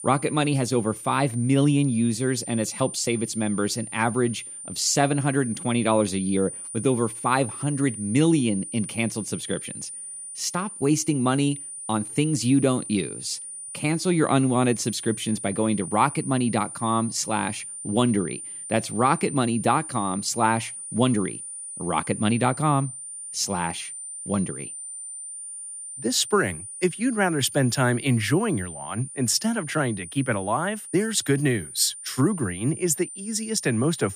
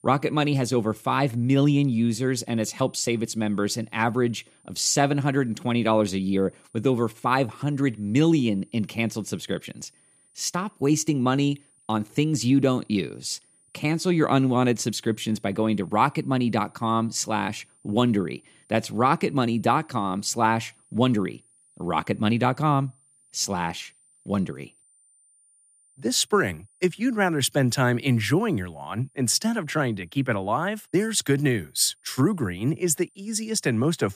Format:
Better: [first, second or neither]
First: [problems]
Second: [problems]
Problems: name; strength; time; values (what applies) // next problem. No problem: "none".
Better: second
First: high-pitched whine; loud; throughout; 9 kHz, 10 dB below the speech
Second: high-pitched whine; faint; throughout; 9 kHz, 35 dB below the speech